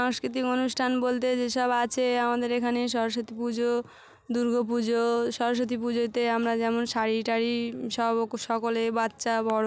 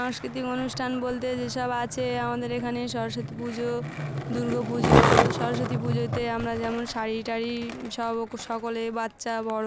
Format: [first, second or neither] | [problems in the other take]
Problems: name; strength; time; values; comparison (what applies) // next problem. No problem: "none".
first | background sound (Skateboard); as loud as the speech